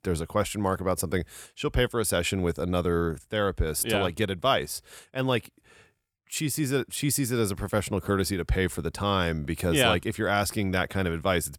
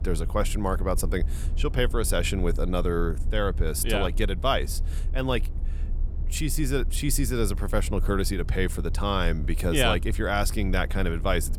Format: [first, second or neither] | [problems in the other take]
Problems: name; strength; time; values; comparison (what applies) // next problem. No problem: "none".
first | low rumble; faint; throughout; 20 dB below the speech